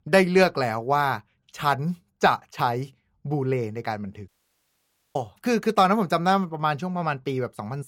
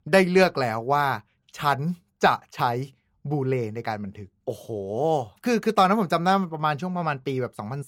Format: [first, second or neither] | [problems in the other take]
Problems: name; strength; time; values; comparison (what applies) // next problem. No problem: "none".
second | audio cutting out; at 4.5 s for 1 s